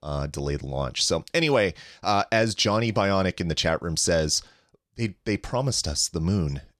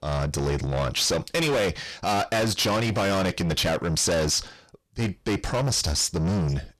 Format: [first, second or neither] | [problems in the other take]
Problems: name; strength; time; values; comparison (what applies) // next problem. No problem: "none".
first | distortion; heavy; 6 dB below the speech